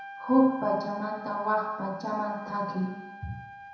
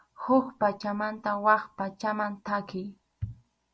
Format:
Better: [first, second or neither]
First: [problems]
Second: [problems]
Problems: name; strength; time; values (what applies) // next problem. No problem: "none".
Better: second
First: background sound (Trumpet); 16 dB below the speech // room echo; dies away in 1 s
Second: none